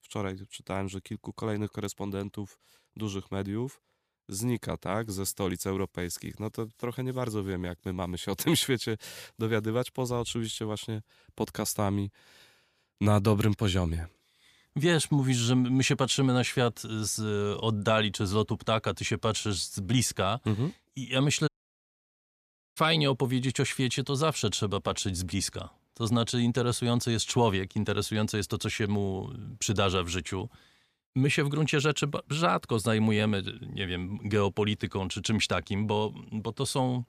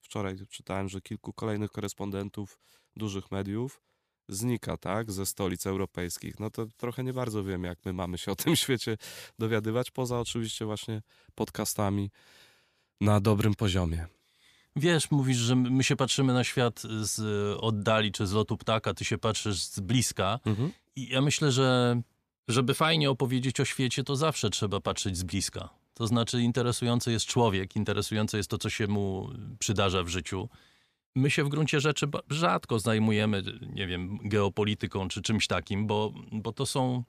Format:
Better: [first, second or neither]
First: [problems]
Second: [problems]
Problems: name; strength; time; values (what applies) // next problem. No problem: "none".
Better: second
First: audio cutting out; at 21 s for 1.5 s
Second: none